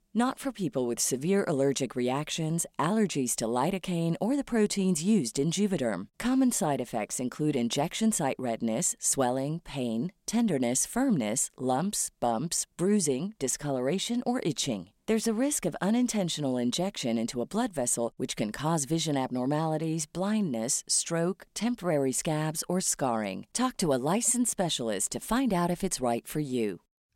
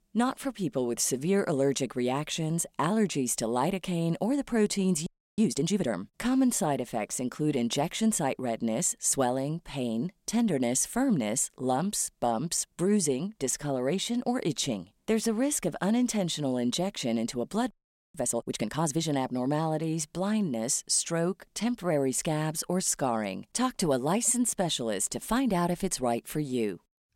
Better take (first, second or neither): first